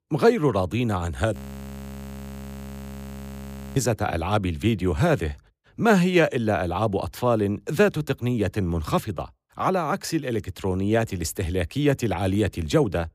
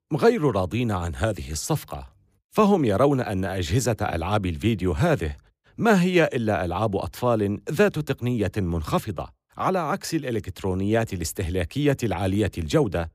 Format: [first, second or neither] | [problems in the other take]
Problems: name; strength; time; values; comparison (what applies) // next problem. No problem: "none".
second | audio freezing; at 1.5 s for 2.5 s